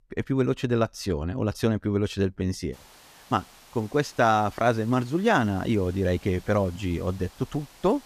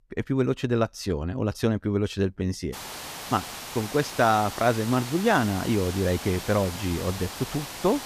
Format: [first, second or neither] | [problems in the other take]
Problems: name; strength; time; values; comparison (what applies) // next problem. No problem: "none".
first | hiss; loud; from 2.5 s on; 10 dB below the speech; faint in the first